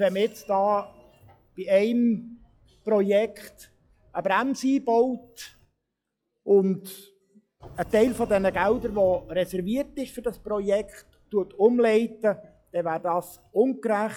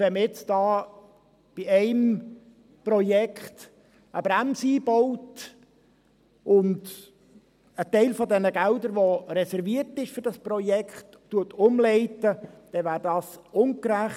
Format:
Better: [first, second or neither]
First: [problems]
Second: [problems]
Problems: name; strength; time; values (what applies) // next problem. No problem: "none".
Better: second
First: noise reduction (classical method log-MMSE)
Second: none